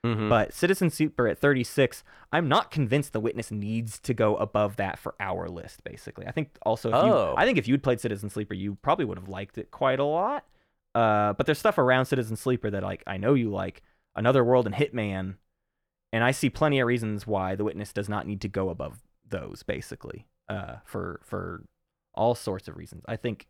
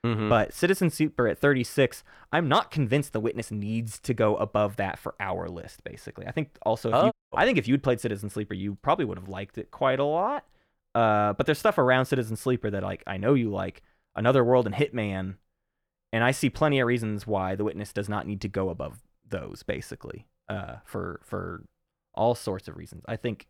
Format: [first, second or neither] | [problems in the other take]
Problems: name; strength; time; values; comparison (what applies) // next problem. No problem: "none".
first | audio cutting out; at 7 s